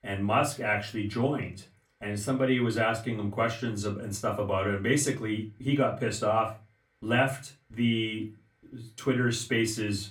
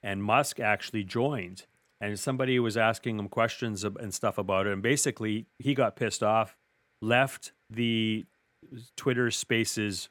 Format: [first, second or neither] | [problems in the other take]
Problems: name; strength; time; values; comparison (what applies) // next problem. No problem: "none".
second | off-mic speech; far // room echo; very slight; dies away in 0.3 s